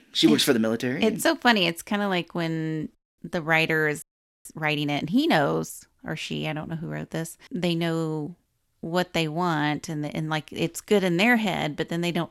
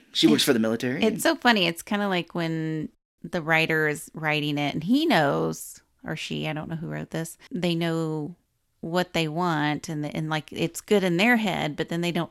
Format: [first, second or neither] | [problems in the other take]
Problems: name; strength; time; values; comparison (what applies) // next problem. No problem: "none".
second | audio freezing; at 4 s